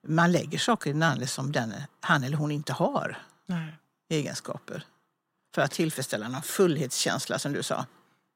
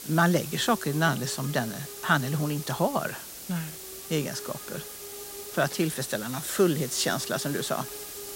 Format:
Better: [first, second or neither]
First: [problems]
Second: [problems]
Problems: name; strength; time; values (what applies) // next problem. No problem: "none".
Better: first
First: none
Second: hiss; loud; throughout; 10 dB below the speech